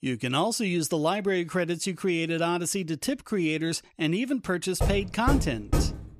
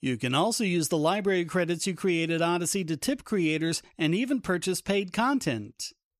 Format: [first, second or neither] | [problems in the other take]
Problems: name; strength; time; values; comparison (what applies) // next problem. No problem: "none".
second | door banging; noticeable; from 5 s on; peak 1 dB below the speech